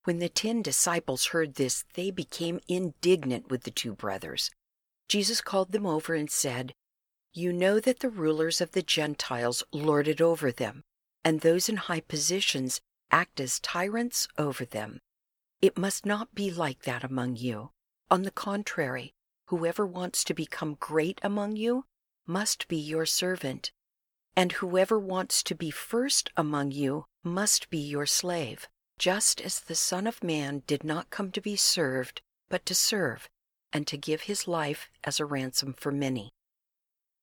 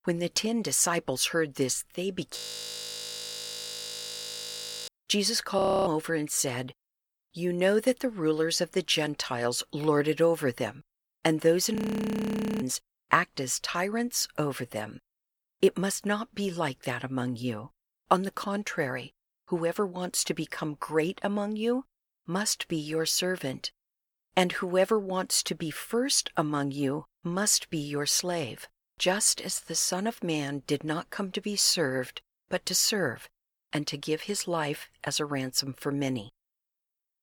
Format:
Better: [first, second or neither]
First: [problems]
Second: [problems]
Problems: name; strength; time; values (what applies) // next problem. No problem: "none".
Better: first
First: none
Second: audio freezing; at 2.5 s for 2.5 s, at 5.5 s and at 12 s for 1 s